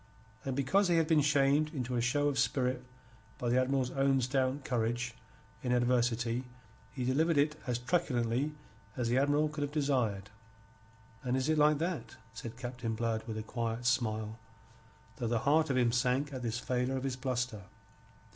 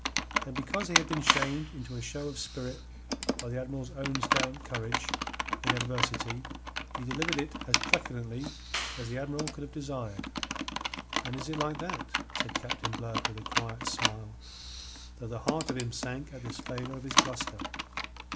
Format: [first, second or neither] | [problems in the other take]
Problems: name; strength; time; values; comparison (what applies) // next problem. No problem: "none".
first | background sound (Computer keyboard + Clapping); 4 dB above the speech